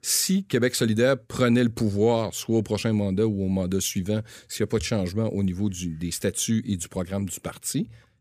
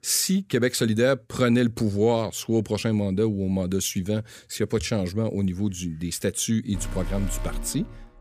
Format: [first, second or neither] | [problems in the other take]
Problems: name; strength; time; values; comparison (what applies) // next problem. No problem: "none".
first | alarm; noticeable; from 6.5 s on; peak 9 dB below the speech